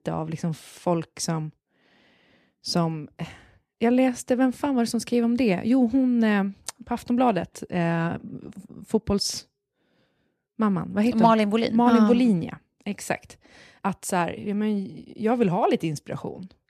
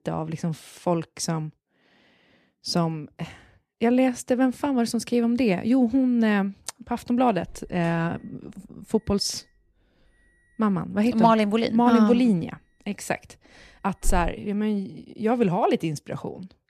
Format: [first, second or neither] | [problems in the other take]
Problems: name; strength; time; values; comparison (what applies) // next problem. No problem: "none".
first | alarm; noticeable; at 14 s; peak 9 dB below the speech